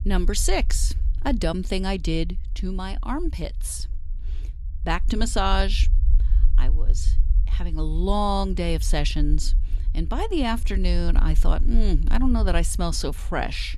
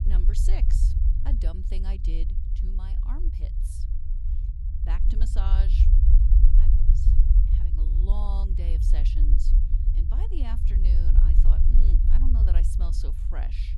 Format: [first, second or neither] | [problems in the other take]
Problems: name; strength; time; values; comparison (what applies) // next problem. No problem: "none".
first | low rumble; loud; throughout; 1 dB below the speech; faint in the first